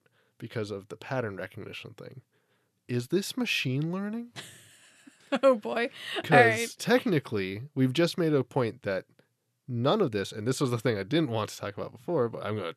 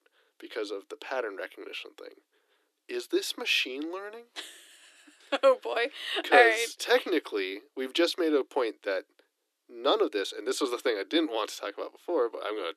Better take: first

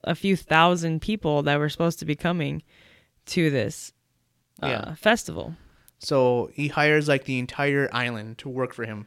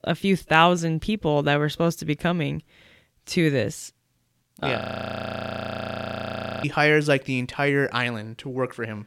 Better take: first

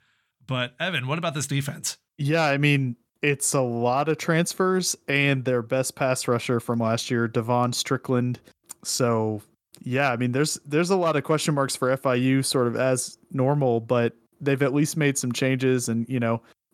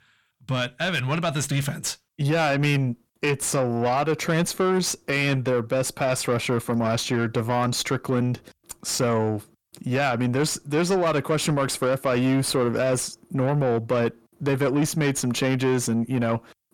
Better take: first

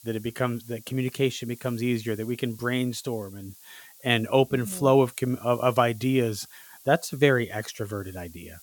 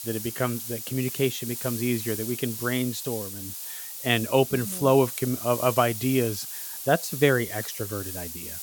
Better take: first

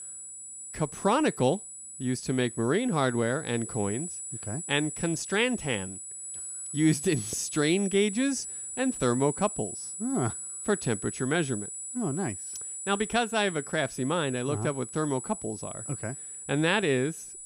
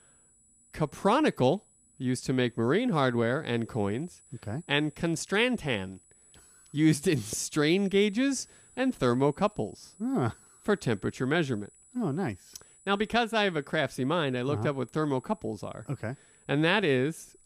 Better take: second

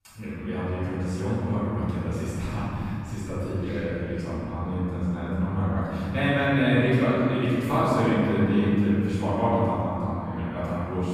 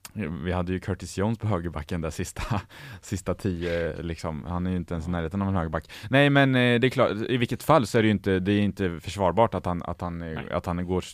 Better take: second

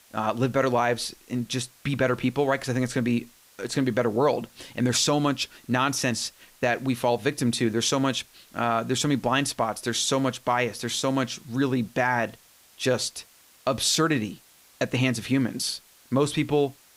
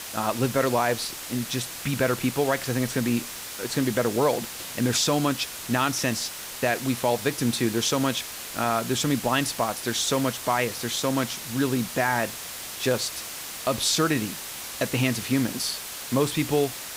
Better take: first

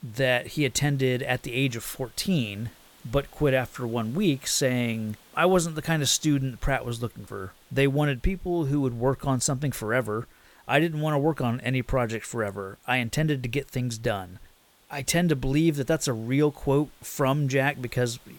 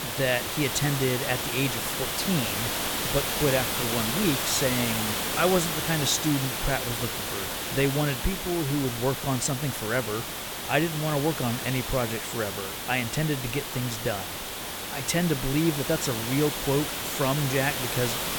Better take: first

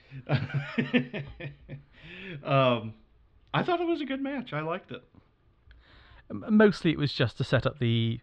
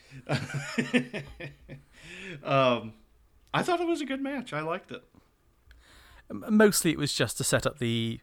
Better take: second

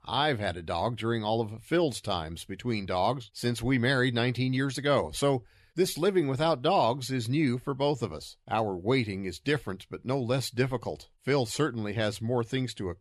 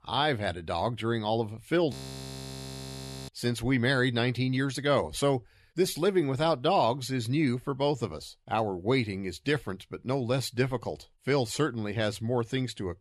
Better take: first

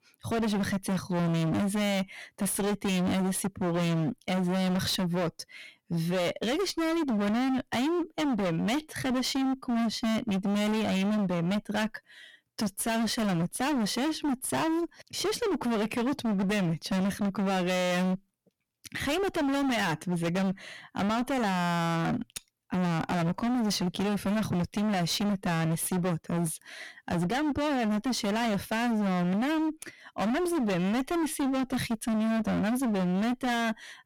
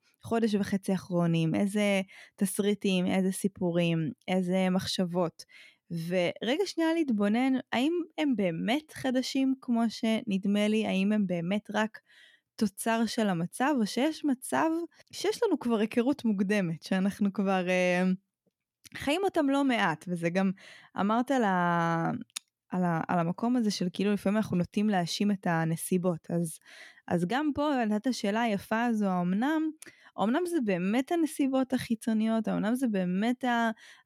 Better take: second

